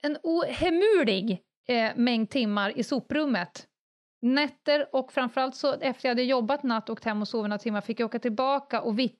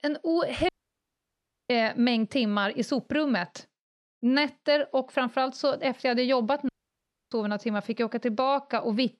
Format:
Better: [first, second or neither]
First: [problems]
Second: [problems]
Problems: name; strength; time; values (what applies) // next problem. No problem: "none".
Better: first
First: none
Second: audio cutting out; at 0.5 s for 1 s and at 6.5 s for 0.5 s